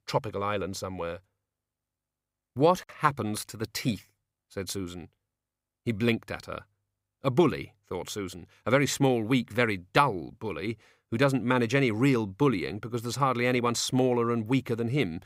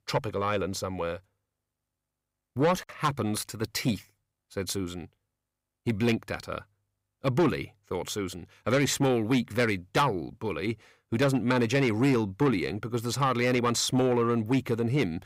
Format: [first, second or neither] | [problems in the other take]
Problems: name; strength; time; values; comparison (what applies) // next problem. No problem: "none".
first | distortion; slight; 10 dB below the speech